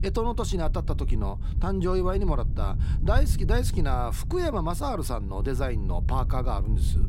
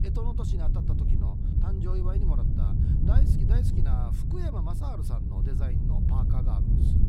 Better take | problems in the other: first | wind noise on the microphone; heavy; 2 dB above the speech; occasional gusts in the first

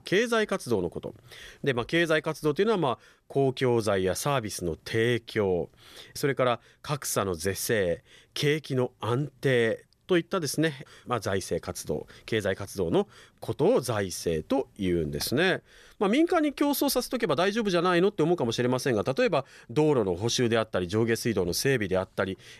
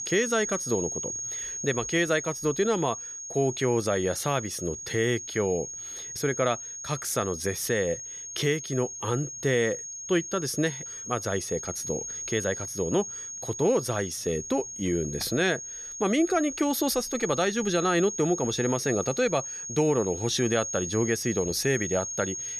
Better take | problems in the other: first | high-pitched whine; loud; throughout; 6.5 kHz, 6 dB below the speech

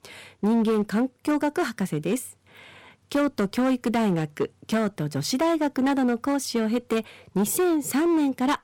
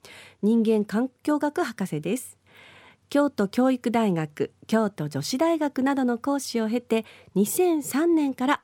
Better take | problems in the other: second | distortion; slight; 12% of the sound clipped

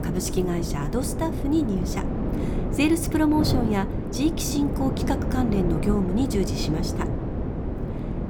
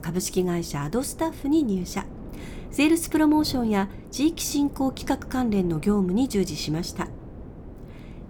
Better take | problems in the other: second | wind noise on the microphone; heavy; 5 dB below the speech; occasional gusts in the second

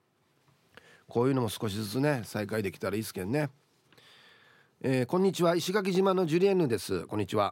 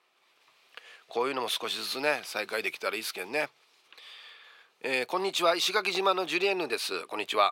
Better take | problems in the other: first | thin; very; fading below 600 Hz

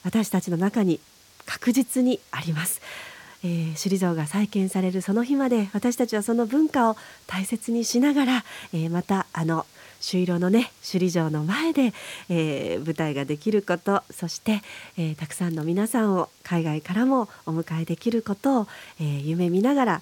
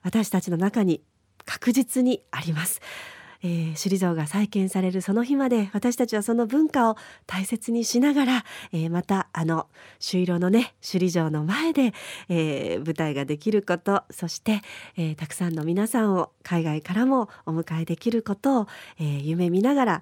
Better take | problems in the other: second | hiss; faint; throughout; 25 dB below the speech

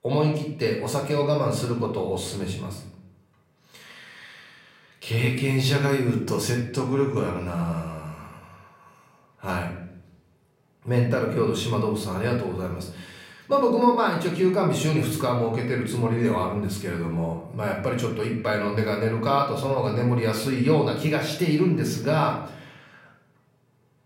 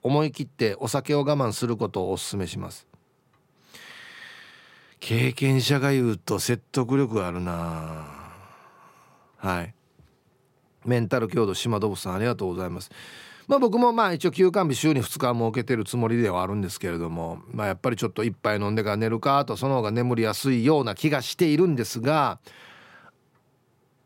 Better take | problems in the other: second | room echo; slight; dies away in 0.6 s // off-mic speech; somewhat distant

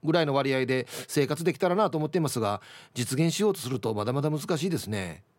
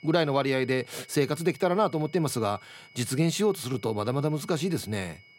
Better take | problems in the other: first | high-pitched whine; faint; throughout; 2 kHz, 25 dB below the speech

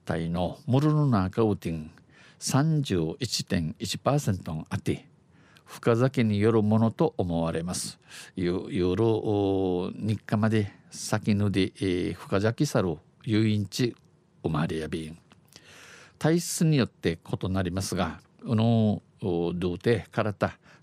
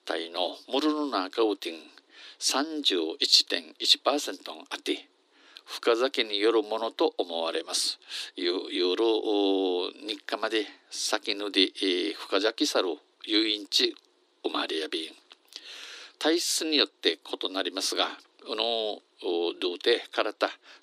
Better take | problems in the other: first | thin; somewhat; fading below 300 Hz

